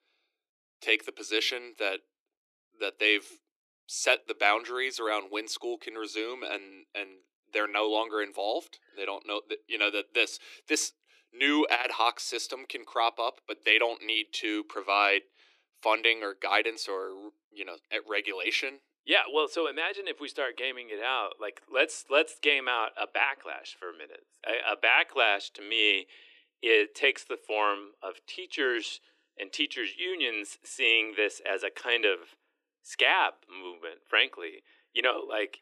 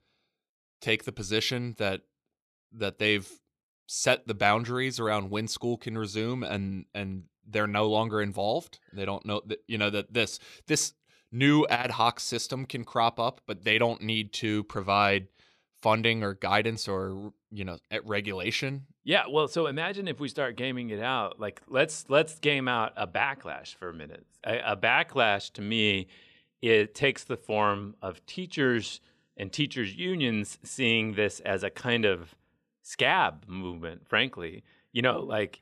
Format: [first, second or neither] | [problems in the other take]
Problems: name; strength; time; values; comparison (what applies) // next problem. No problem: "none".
second | thin; somewhat; fading below 300 Hz